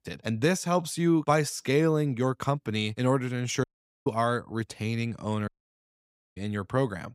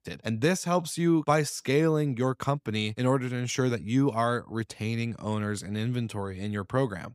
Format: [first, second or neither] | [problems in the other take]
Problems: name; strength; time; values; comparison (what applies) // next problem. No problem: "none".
second | audio cutting out; at 3.5 s and at 5.5 s for 1 s